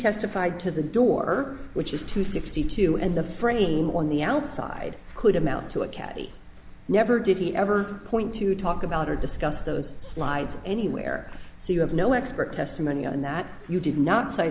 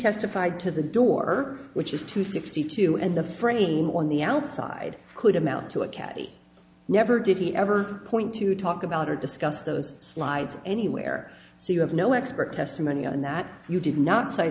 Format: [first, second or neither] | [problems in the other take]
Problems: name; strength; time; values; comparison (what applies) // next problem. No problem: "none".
second | background sound (Wind); 9 dB below the speech